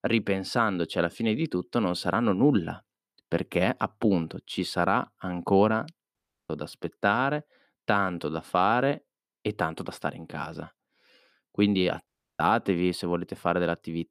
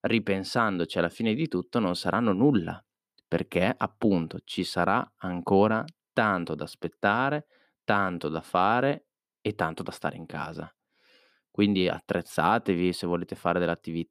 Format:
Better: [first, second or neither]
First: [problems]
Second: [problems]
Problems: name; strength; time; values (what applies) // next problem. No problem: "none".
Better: second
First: audio cutting out; at 6 s and at 12 s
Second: none